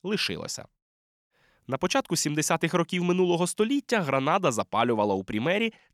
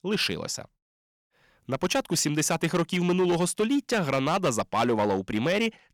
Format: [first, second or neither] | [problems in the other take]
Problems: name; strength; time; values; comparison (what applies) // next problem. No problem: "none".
first | distortion; slight; 8% of the sound clipped